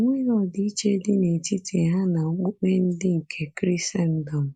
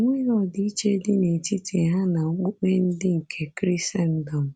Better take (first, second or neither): second